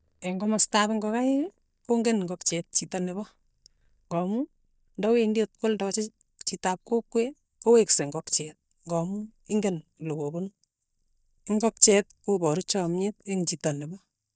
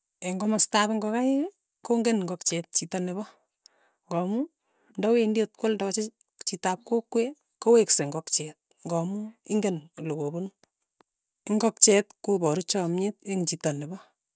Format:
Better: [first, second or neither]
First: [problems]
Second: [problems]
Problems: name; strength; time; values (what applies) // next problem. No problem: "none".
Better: second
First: noise reduction (neural mask model DeepFilterNet 3)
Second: none